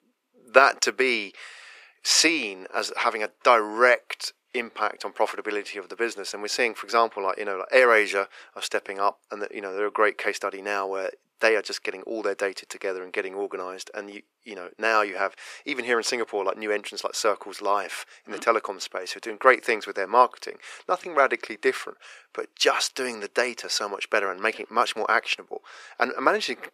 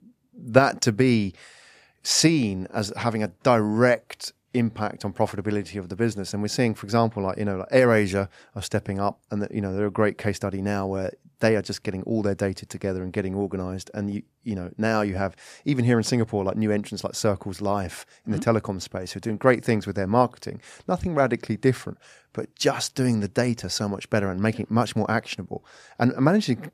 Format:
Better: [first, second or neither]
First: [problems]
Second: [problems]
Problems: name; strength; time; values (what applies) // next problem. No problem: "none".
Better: second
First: thin; very; fading below 400 Hz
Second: none